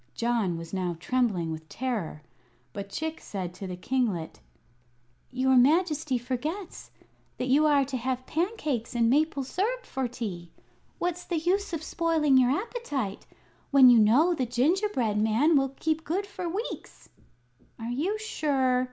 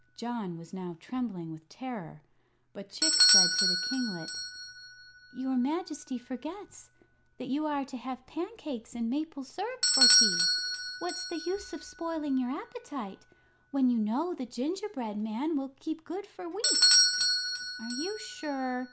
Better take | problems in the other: first | background sound (Bell / Doorbell); 3 dB above the speech

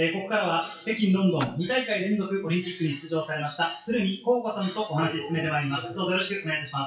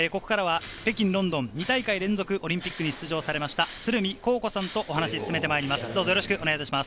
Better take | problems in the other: second | noise reduction (classical method WPE with log-MMSE)

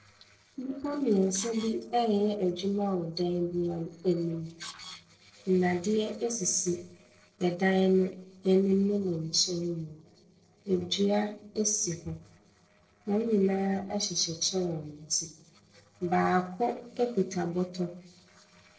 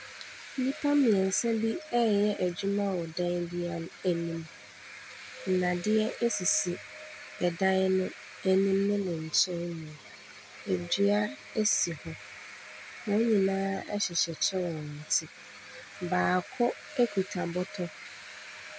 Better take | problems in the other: second | noise reduction (neural separator model SepFormer DNS4)

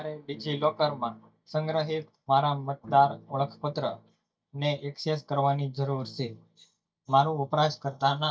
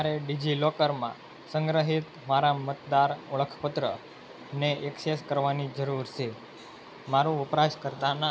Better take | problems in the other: second | noise reduction (neural mask model DeepFilterNet 3)

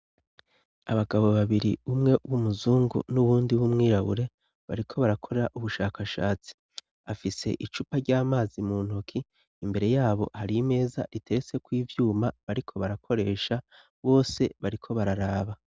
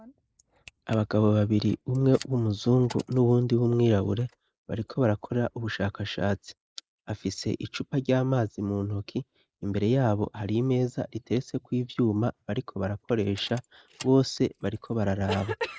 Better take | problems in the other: first | noise reduction (neural mask model Resemble Enhance denoiser)

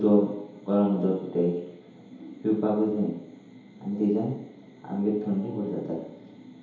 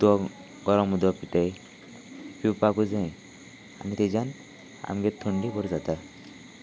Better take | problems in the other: second | room echo; dies away in 2.2 s

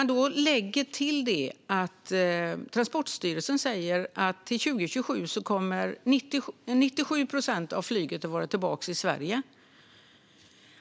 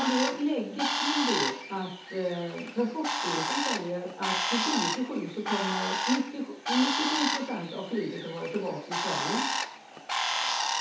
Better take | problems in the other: first | background sound (Bird); as loud as the speech // room echo; dies away in 0.5 s

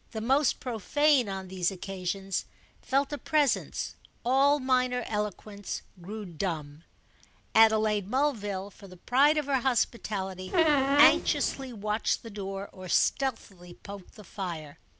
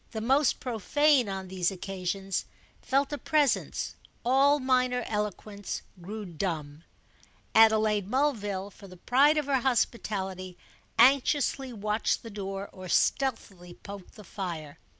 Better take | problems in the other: second | background sound (Squeak); 2 dB above the speech

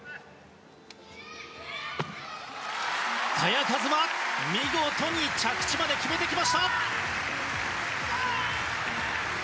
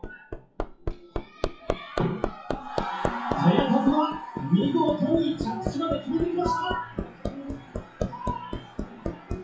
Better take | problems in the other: first | noise reduction (classical method WPE with log-MMSE)

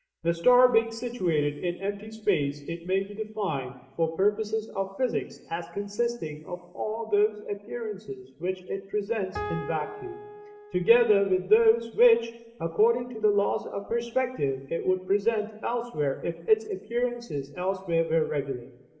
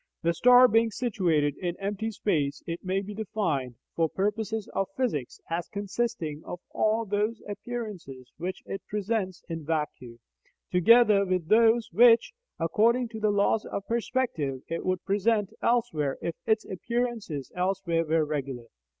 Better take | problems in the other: second | background sound (Piano); 10 dB below the speech // room echo; dies away in 2.1 s

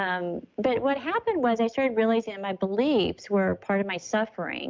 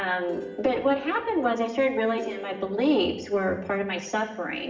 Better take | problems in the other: first | background sound (Plucked string instrument); 16 dB below the speech // room echo; dies away in 0.9 s

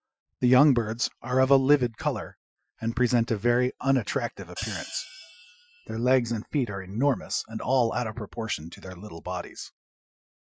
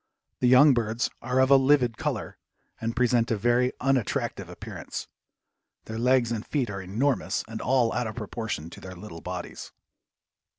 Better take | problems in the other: second | noise reduction (classical method Wiener filter)

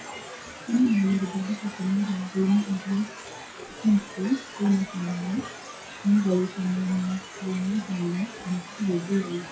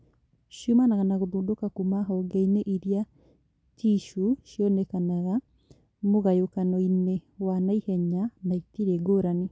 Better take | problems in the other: second | noise reduction (classical method WPE with log-MMSE)

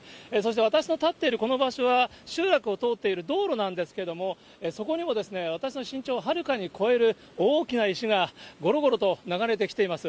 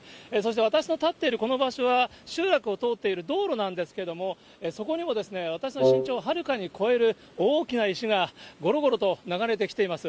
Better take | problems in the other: first | background sound (Wind instrument, woodwind instrument); 2 dB above the speech

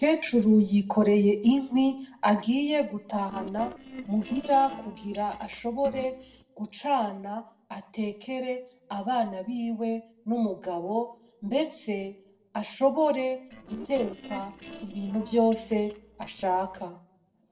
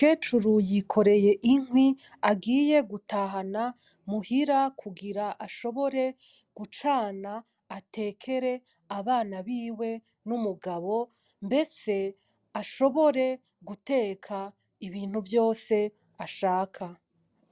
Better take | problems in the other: second | noise reduction (neural separator model SepFormer DNS4)

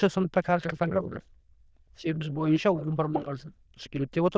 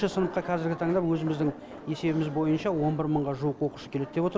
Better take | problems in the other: second | noise reduction (neural diffusion model UNIVERSE++)

